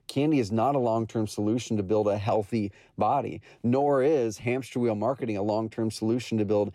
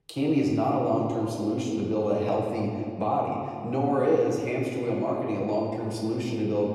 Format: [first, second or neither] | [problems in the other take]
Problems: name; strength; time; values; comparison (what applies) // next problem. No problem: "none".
first | room echo; noticeable; dies away in 1.9 s // off-mic speech; somewhat distant